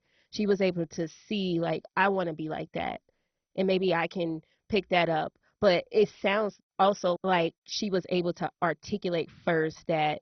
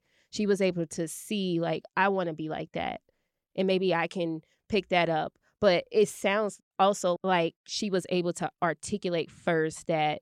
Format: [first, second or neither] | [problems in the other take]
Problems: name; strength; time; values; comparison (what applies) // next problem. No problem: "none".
second | garbled, watery; badly; nothing above 6 kHz